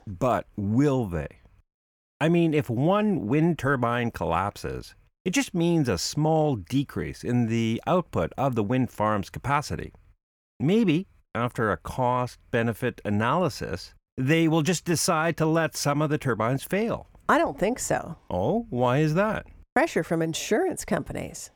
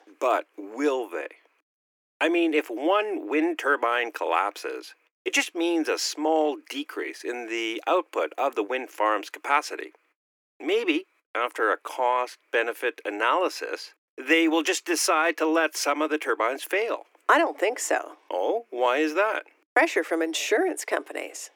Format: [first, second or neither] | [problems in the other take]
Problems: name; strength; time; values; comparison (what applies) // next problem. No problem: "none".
first | thin; very; fading below 300 Hz